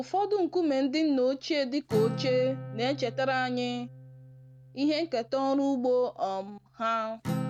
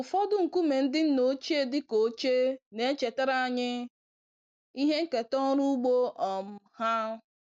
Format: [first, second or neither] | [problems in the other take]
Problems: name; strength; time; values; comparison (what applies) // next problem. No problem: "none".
second | background sound (Acoustic guitar); 11 dB below the speech